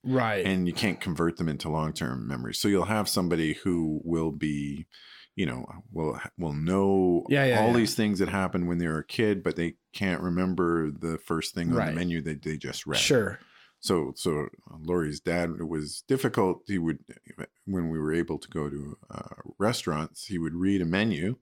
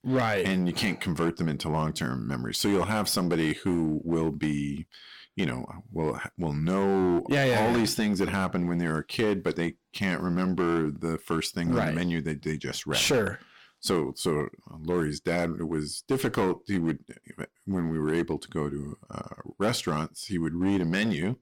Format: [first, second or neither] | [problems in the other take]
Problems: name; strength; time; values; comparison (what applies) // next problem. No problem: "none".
first | distortion; slight; 8% of the sound clipped